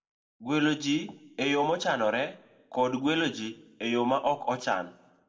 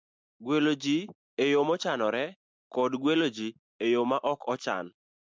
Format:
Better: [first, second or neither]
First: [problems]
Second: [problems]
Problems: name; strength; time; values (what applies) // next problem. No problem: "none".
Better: second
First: room echo; dies away in 0.4 s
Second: none